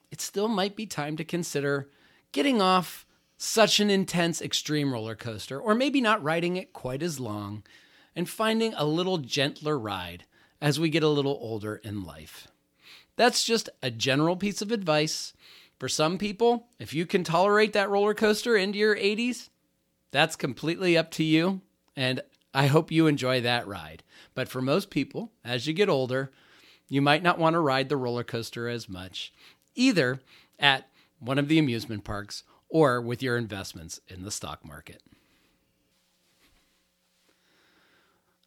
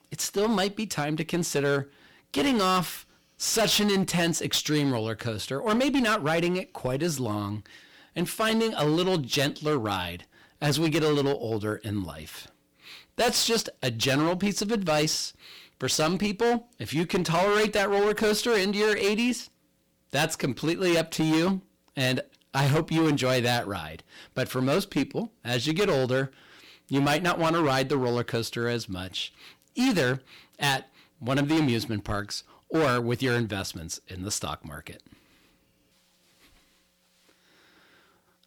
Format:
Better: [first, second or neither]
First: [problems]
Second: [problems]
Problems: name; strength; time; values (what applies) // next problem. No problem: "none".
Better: first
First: none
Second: distortion; heavy; 13% of the sound clipped